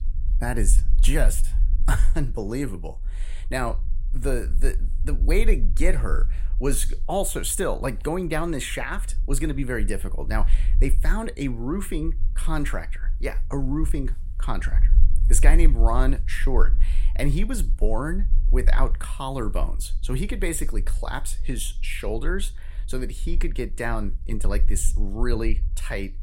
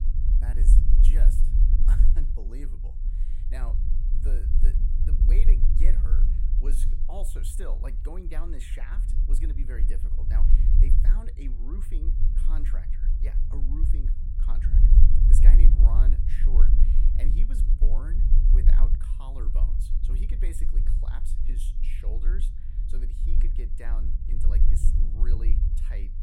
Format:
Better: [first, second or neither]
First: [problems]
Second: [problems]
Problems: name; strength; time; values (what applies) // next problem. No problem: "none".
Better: first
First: low rumble; faint; throughout; 20 dB below the speech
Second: low rumble; loud; throughout; 1 dB below the speech